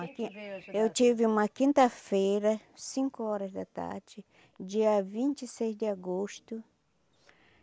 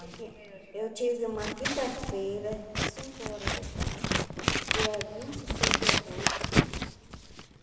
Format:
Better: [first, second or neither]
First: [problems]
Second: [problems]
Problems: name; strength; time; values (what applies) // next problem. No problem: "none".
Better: first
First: none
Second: background sound (Scissors); 5 dB above the speech // room echo; dies away in 2.5 s